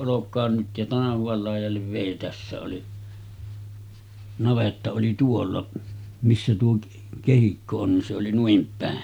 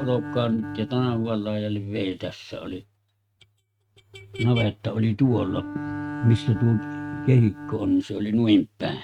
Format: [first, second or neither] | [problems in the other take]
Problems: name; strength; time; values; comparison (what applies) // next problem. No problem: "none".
first | noise reduction (neural mask model RNNoise)